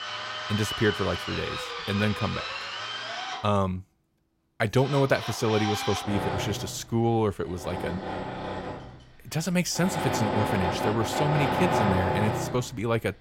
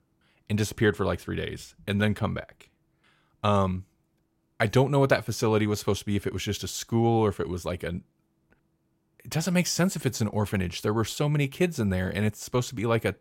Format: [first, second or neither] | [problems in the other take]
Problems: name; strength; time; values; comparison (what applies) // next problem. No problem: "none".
second | machinery noise; loud; throughout; 3 dB below the speech